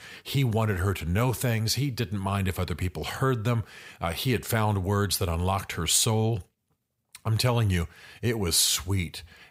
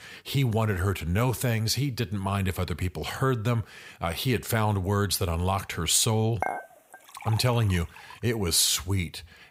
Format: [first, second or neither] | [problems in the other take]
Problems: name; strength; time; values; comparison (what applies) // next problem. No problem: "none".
first | clattering dishes; noticeable; from 6.5 to 7.5 s; peak 6 dB below the speech